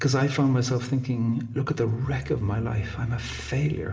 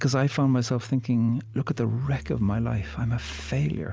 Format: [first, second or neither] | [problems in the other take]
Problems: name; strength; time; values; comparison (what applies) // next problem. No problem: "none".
second | room echo; dies away in 0.9 s